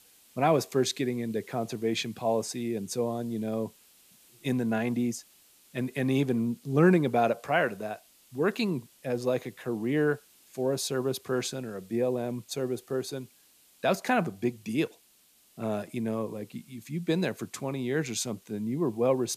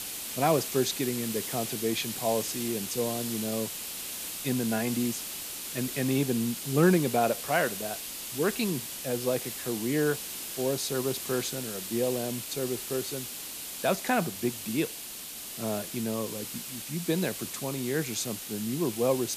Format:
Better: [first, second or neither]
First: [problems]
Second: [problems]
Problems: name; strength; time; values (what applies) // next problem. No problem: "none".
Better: first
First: hiss; faint; throughout; 25 dB below the speech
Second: hiss; loud; throughout; 5 dB below the speech